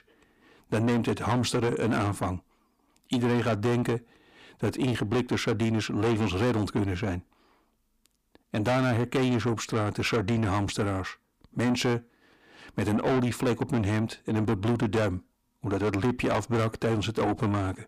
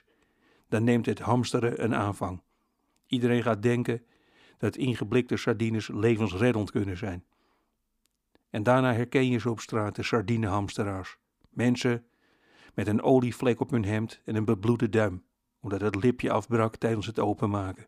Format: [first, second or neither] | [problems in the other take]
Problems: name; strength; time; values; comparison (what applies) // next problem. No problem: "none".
second | distortion; heavy; 7 dB below the speech